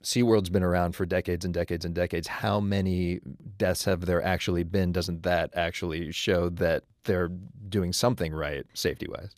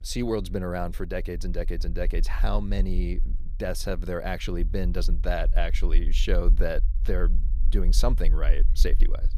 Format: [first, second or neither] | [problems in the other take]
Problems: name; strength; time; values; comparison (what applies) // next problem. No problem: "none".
first | low rumble; faint; throughout; 20 dB below the speech